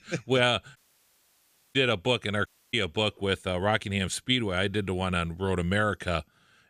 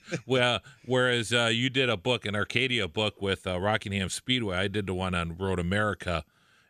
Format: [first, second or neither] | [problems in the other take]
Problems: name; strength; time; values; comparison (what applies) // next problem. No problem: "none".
second | audio cutting out; at 1 s for 1 s and at 2.5 s